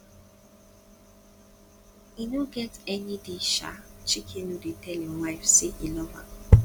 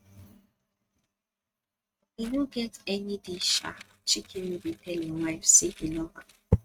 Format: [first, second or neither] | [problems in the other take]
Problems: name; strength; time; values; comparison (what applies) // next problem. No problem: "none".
first | noise reduction (neural mask model RNNoise)